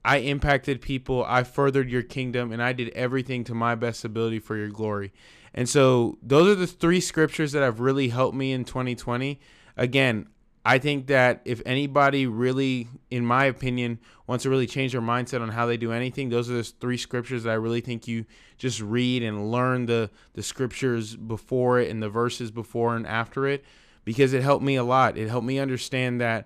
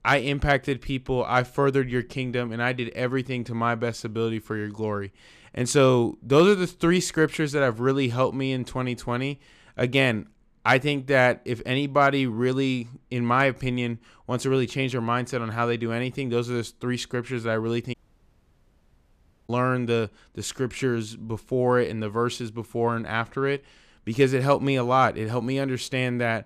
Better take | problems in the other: first | audio cutting out; at 18 s for 1.5 s

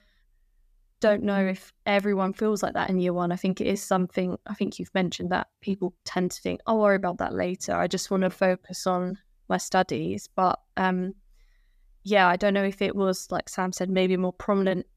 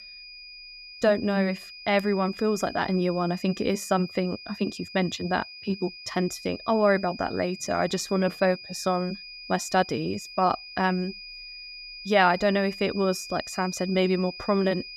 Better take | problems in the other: first | high-pitched whine; noticeable; throughout; 5 kHz, 15 dB below the speech

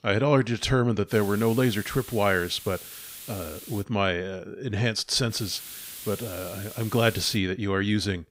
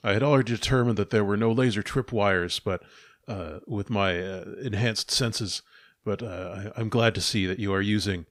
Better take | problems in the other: second | hiss; noticeable; from 1 to 4 s and from 5.5 to 7.5 s; 15 dB below the speech

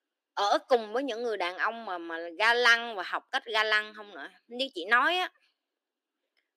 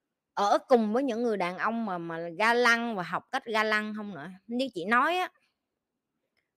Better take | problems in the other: second | thin; somewhat; fading below 300 Hz

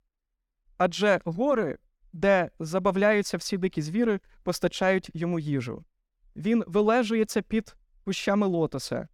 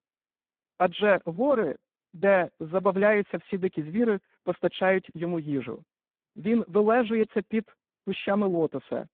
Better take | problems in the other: first | phone-call audio; poor line

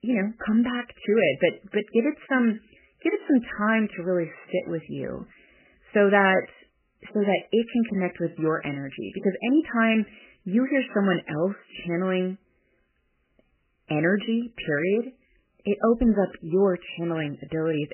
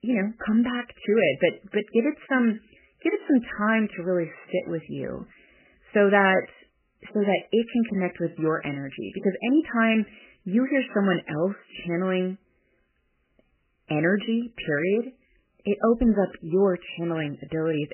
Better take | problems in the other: neither | garbled, watery; badly; nothing above 3 kHz; the same in both

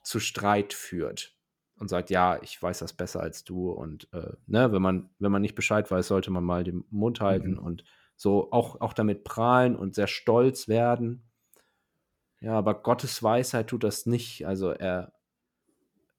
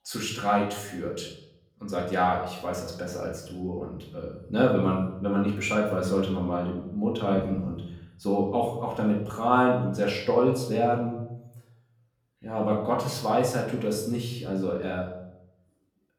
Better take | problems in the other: first | off-mic speech; far // room echo; noticeable; dies away in 0.7 s

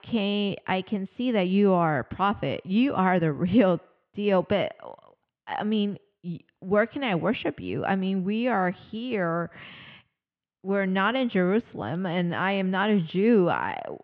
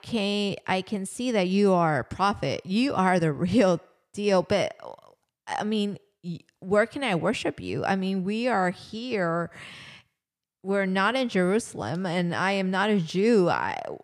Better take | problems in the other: second | muffled; very; fading above 3.5 kHz

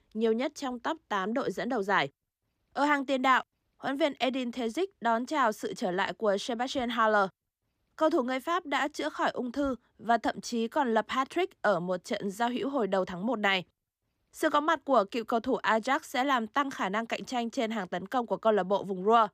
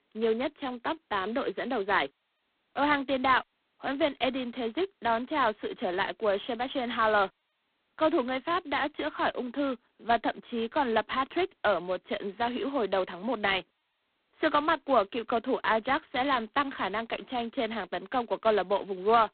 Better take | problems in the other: first | phone-call audio; poor line; nothing above 4 kHz

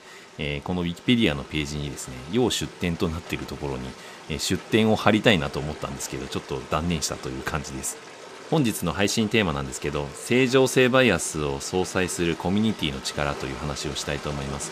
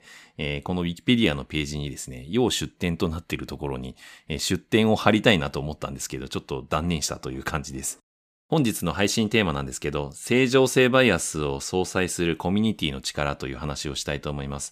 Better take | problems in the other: second | rain or running water; noticeable; throughout; 15 dB below the speech

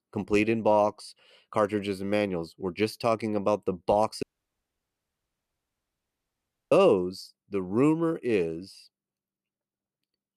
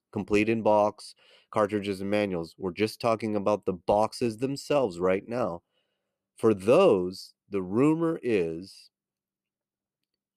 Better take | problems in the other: second | audio cutting out; at 4 s for 2.5 s

